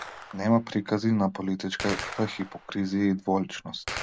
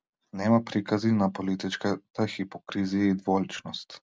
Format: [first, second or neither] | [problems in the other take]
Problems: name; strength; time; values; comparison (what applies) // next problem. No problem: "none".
second | background sound (Gunshot, gunfire); 13 dB below the speech